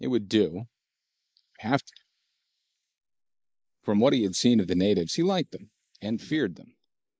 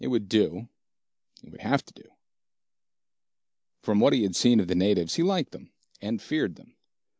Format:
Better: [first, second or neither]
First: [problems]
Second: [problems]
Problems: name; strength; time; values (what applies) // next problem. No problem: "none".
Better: second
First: noise reduction (neural mask model Resemble Enhance denoiser)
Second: none